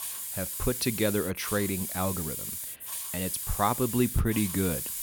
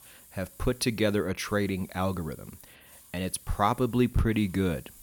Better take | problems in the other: second | hiss; loud; throughout; 3 dB below the speech; faint in the second

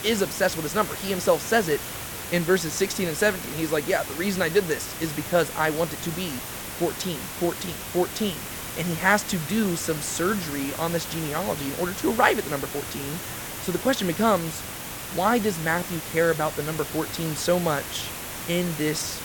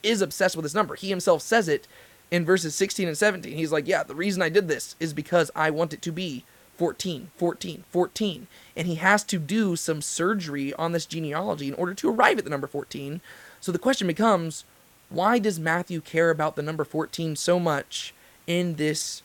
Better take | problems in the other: second | hiss; loud; throughout; 7 dB below the speech; faint in the second

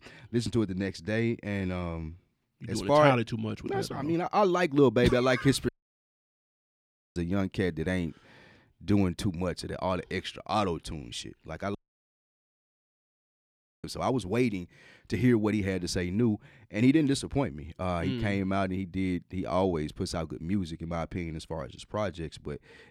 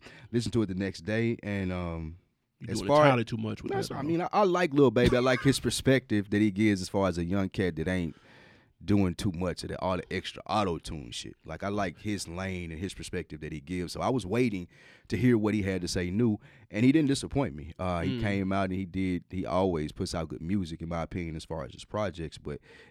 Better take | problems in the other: second | audio cutting out; at 5.5 s for 1.5 s and at 12 s for 2 s

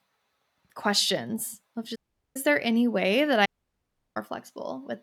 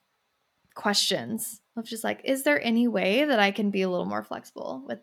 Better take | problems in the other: second | audio cutting out; at 2 s and at 3.5 s for 0.5 s

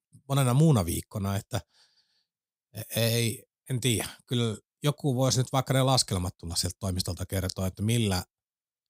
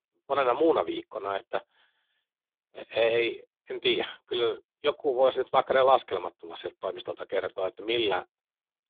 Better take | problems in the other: first | phone-call audio; poor line; nothing above 3.5 kHz

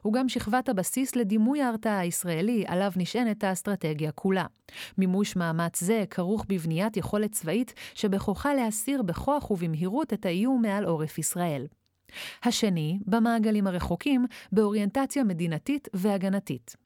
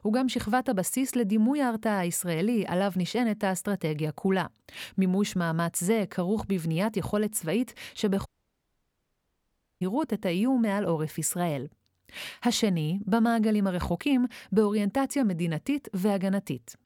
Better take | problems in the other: first | audio cutting out; at 8.5 s for 1.5 s

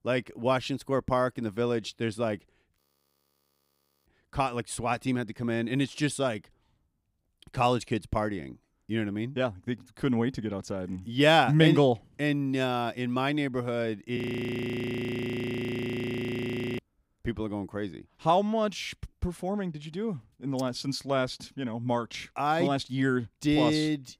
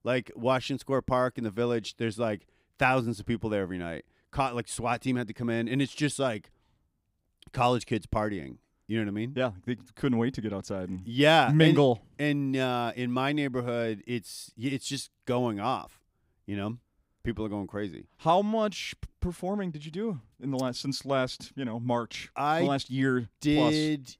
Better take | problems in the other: second | audio freezing; at 3 s for 1.5 s and at 14 s for 2.5 s

